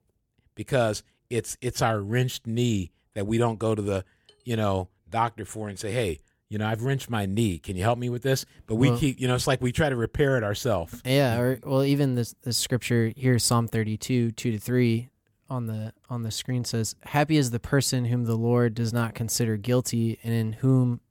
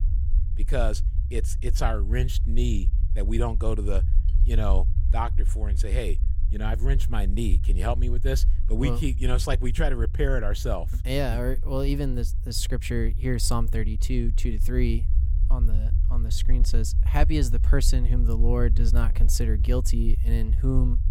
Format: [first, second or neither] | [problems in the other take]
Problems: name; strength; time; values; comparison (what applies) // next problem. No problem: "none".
first | low rumble; noticeable; throughout; 15 dB below the speech